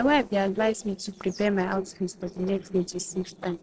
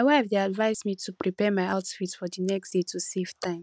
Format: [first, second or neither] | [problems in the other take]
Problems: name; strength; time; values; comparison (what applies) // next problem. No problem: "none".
second | noise reduction (neural separator model SepFormer DNS4)